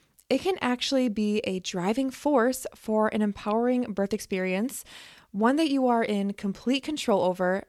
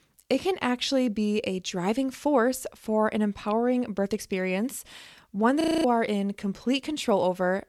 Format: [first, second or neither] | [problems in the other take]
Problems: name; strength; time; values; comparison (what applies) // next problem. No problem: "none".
first | audio freezing; at 5.5 s